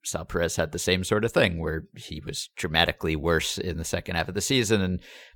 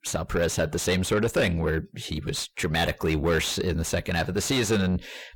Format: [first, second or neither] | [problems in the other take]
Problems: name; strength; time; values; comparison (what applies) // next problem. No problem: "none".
first | distortion; heavy; 6 dB below the speech